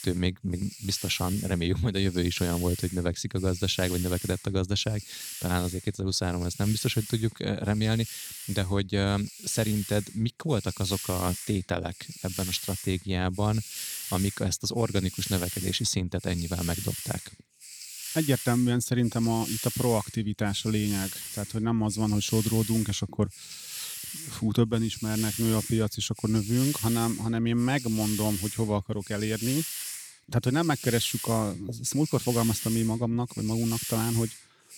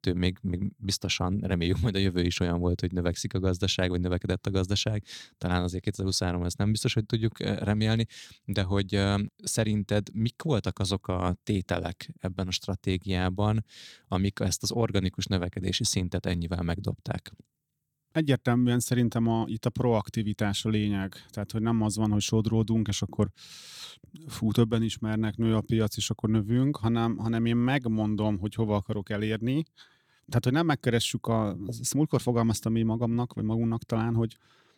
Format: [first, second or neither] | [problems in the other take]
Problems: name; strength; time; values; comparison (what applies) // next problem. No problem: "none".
second | hiss; loud; throughout; 8 dB below the speech